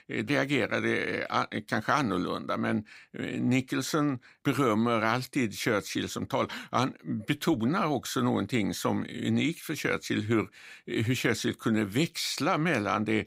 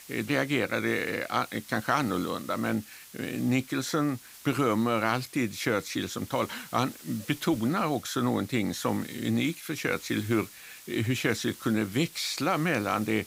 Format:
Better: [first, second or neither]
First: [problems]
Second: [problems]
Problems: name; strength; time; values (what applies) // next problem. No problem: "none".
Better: first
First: none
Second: hiss; noticeable; throughout; 15 dB below the speech